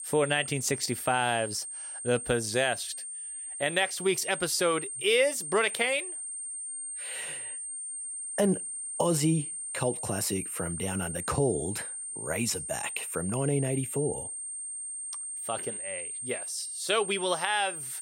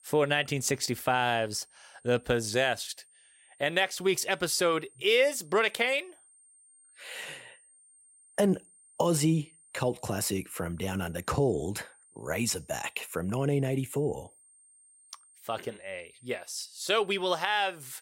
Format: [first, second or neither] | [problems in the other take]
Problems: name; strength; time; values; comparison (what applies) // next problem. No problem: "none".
second | high-pitched whine; loud; throughout; 8.5 kHz, 5 dB below the speech; faint in the second